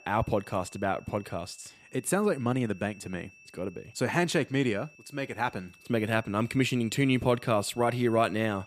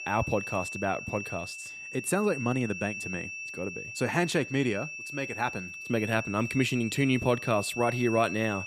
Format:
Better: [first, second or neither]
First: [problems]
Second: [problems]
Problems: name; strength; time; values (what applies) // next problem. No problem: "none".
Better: first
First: high-pitched whine; faint; throughout; 2.5 kHz, 25 dB below the speech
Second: high-pitched whine; loud; throughout; 2.5 kHz, 7 dB below the speech